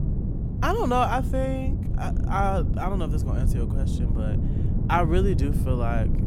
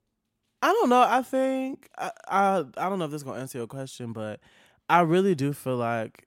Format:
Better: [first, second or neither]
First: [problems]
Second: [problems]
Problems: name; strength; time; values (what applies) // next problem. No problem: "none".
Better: second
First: wind noise on the microphone; occasional gusts; 10 dB below the speech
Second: none